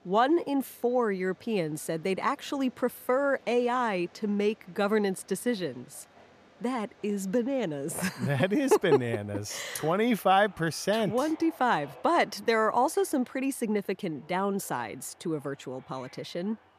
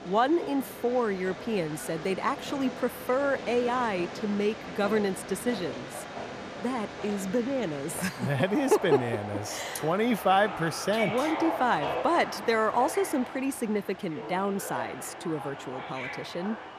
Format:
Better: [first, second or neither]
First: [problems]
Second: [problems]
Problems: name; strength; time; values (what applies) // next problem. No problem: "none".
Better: first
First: train or aircraft noise; faint; throughout; 25 dB below the speech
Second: train or aircraft noise; loud; throughout; 9 dB below the speech